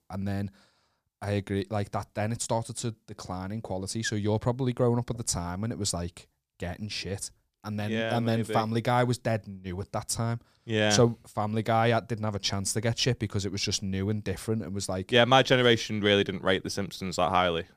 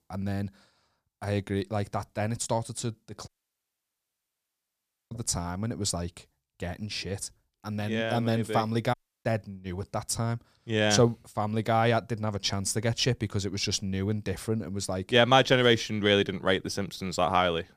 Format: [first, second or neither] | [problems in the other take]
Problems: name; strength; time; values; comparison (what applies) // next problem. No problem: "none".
first | audio cutting out; at 3.5 s for 2 s and at 9 s